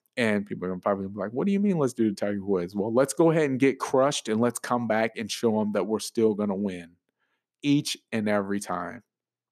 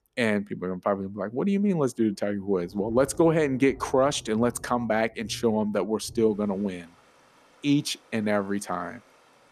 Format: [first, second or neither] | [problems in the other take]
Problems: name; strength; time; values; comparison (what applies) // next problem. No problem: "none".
first | rain or running water; faint; throughout; 25 dB below the speech